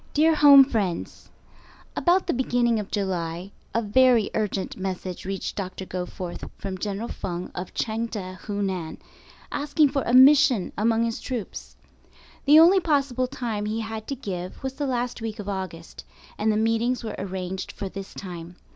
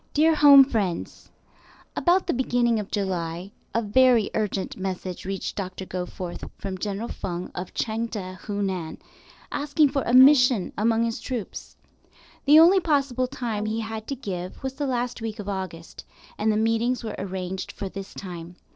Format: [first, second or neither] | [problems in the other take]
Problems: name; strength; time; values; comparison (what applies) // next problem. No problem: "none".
first | noise reduction (neural separator model SepFormer DNS4)